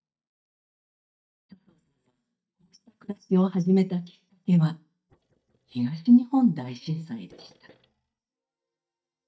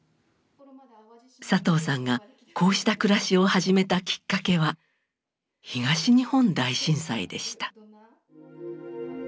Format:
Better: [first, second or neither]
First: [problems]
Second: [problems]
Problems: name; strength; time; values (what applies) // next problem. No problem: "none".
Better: second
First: noise reduction (neural mask model DeepFilterNet 3)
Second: none